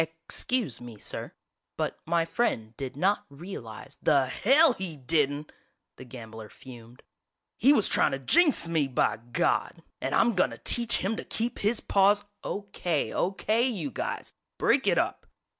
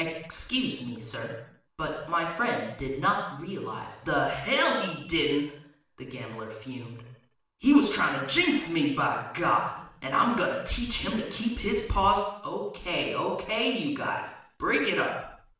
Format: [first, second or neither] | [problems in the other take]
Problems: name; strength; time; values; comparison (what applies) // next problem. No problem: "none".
first | room echo; dies away in 0.7 s